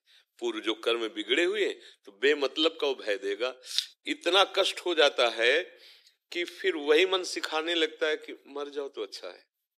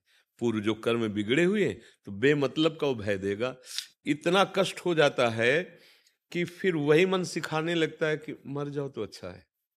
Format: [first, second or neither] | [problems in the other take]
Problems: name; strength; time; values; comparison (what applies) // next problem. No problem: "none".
second | thin; somewhat; fading below 350 Hz